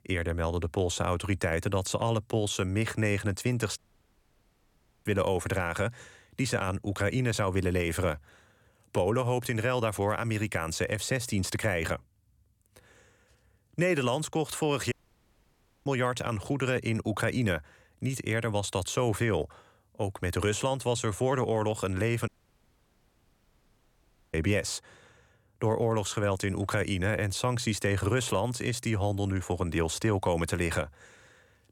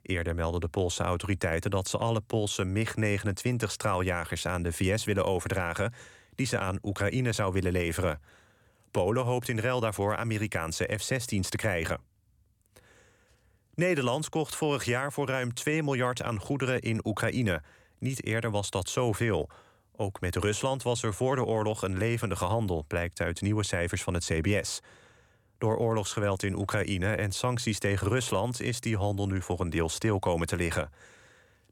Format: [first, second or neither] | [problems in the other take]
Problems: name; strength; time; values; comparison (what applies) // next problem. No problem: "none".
second | audio cutting out; at 4 s for 1.5 s, at 15 s for 1 s and at 22 s for 2 s